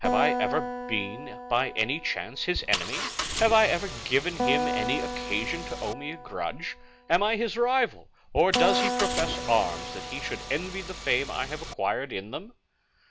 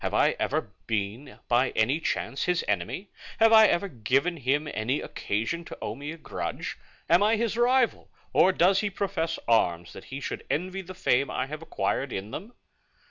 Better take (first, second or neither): second